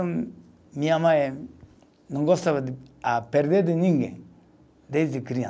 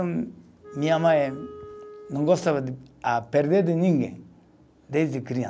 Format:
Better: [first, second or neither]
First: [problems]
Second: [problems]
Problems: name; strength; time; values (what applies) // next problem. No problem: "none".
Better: first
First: none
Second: background sound (Wind instrument, woodwind instrument); 18 dB below the speech